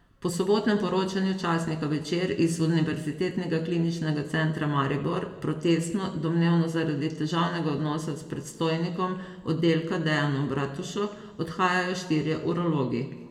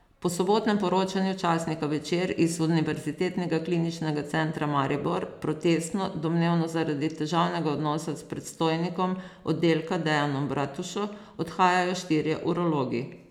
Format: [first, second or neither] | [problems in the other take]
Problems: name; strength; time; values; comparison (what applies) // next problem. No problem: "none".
second | room echo; dies away in 1.1 s